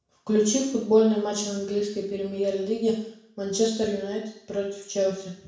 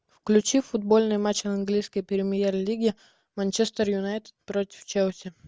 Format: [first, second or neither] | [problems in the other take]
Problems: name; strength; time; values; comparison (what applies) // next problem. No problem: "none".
second | room echo; dies away in 0.7 s